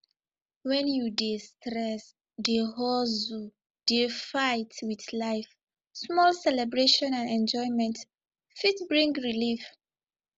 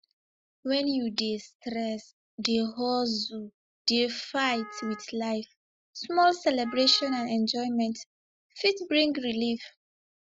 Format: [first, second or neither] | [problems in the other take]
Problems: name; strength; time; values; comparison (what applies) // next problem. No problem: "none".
first | noise reduction (classical method Wiener filter)